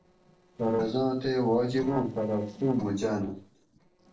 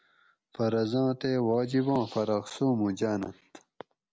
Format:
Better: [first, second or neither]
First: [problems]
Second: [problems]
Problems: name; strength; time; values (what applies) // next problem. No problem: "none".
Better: second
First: noise reduction (neural separator model SepFormer DNS4)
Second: none